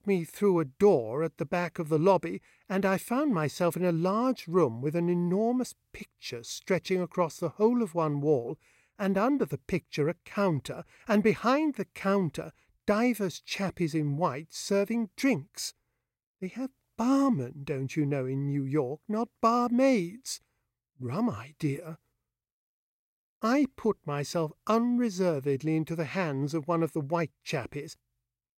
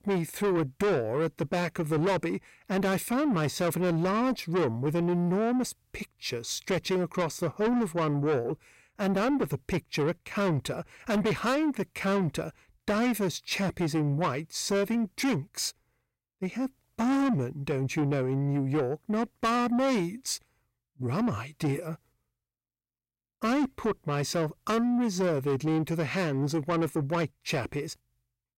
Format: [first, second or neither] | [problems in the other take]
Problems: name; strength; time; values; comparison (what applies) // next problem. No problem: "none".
first | distortion; heavy; 8 dB below the speech